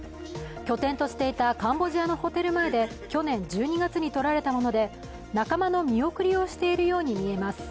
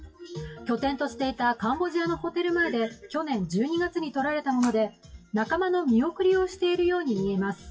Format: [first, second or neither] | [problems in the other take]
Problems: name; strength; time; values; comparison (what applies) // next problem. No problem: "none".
first | noise reduction (classical method WPE with log-MMSE)